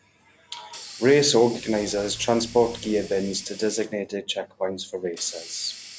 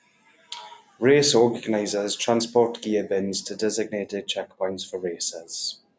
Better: second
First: background sound (Hiss + Accelerating, revving, vroom / Car); 18 dB below the speech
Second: none

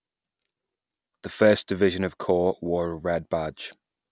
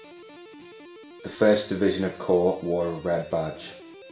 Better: first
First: none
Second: background sound (Guitar); 19 dB below the speech // room echo; dies away in 0.4 s

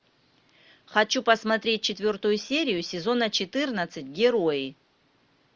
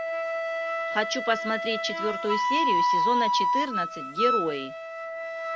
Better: first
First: none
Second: background sound (Wind instrument, woodwind instrument); 4 dB above the speech

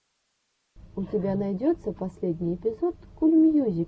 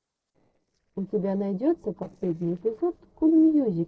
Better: first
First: none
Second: noise reduction (neural separator model SepFormer DNS4)

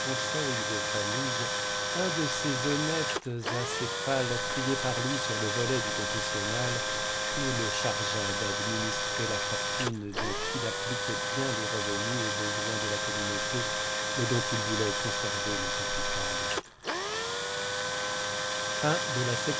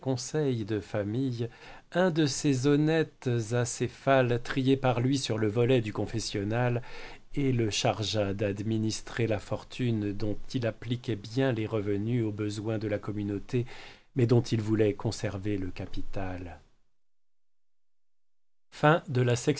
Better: second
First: background sound (Tools); 3 dB above the speech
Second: none

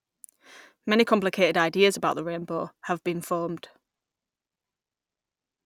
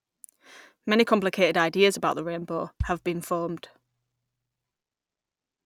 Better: first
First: none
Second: background sound (Bass drum); 13 dB below the speech

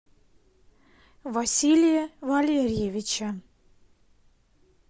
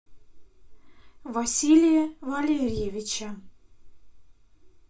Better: first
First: none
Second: room echo; dies away in 0.3 s

